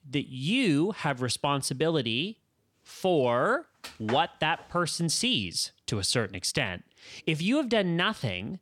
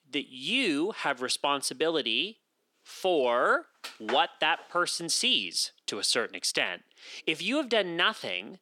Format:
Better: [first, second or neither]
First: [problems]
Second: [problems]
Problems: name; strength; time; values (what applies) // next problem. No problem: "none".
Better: first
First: none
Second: thin; somewhat; fading below 300 Hz